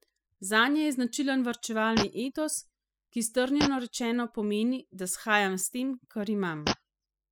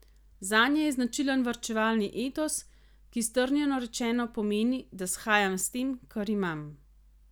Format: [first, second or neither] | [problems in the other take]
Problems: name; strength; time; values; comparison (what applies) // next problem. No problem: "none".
second | noise reduction (classical method spectral subtraction)